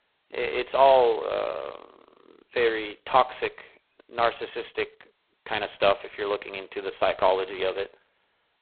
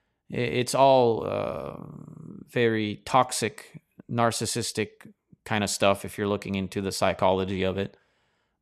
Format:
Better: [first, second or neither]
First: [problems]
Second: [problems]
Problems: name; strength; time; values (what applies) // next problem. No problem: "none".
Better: second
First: phone-call audio; poor line; nothing above 4 kHz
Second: none